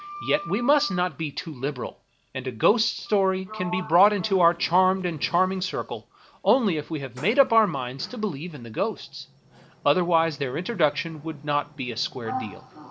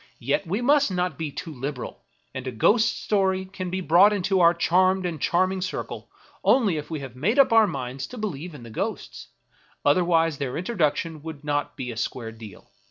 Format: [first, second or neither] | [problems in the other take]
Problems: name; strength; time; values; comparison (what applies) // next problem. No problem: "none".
second | background sound (Sliding door); 17 dB below the speech